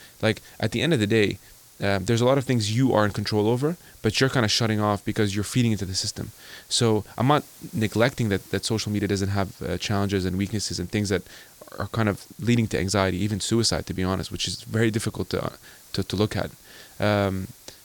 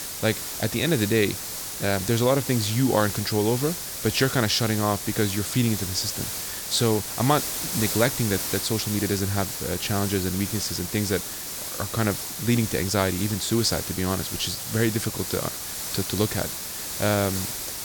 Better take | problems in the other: first | hiss; loud; throughout; 4 dB below the speech; faint in the first

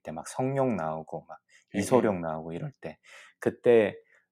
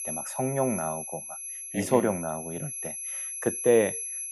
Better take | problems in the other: first | high-pitched whine; loud; throughout; 11 kHz, 6 dB below the speech

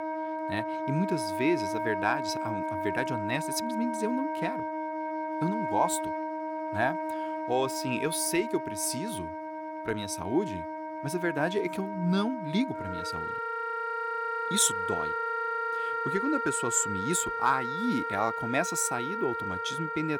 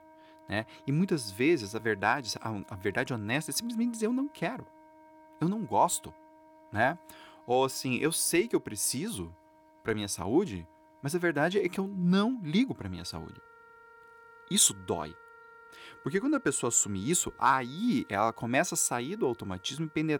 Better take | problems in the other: second | background music; loud; throughout; 2 dB below the speech; faint in the second

